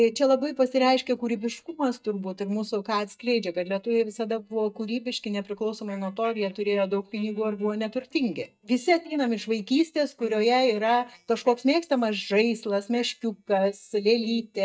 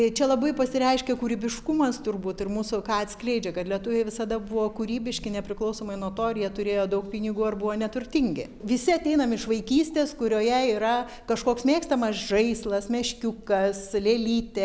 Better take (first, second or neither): second